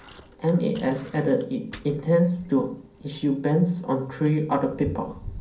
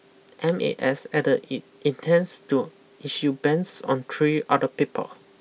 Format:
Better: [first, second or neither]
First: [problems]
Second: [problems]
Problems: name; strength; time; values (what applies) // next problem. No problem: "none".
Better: second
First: background sound (Bicycle); 18 dB below the speech // room echo; dies away in 0.6 s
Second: none